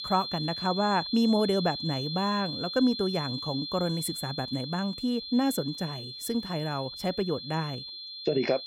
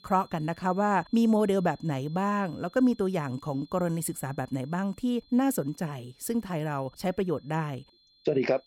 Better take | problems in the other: second | high-pitched whine; loud; throughout; 4 kHz, 6 dB below the speech; faint in the second

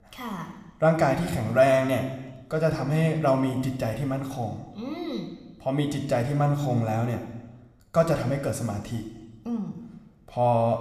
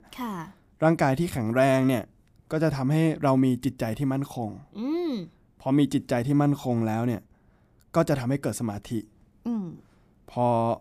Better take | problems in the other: second | room echo; slight; dies away in 1.1 s

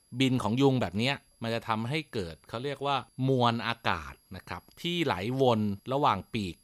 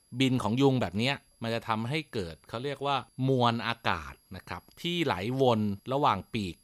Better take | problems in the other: neither | high-pitched whine; faint; throughout; 11.5 kHz, 35 dB below the speech; the same in both

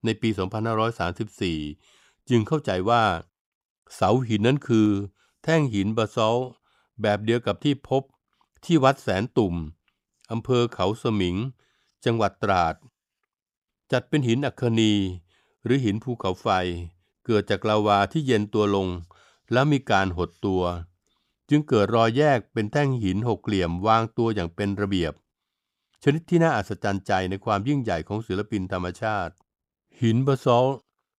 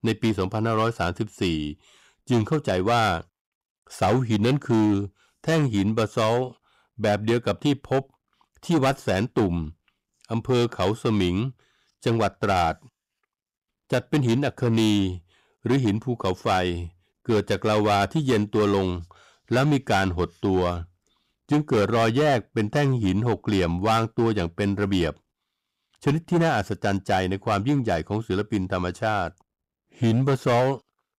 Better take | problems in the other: first | distortion; slight; 8% of the sound clipped

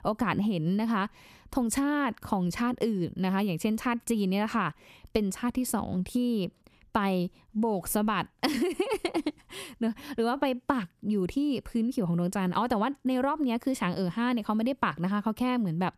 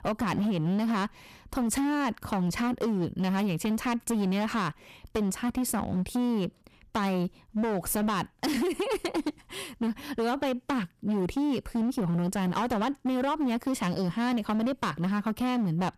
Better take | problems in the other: first | distortion; slight; 21% of the sound clipped

